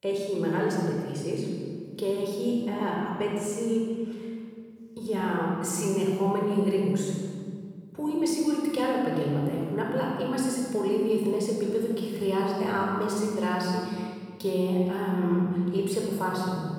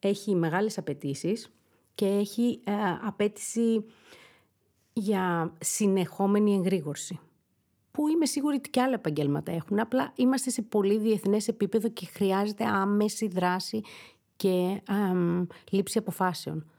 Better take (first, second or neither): second